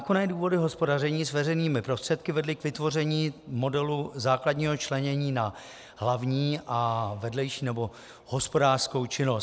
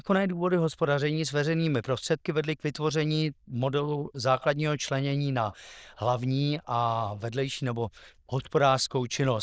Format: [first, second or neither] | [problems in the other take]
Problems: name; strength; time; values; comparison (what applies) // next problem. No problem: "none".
first | noise reduction (neural diffusion model UNIVERSE++)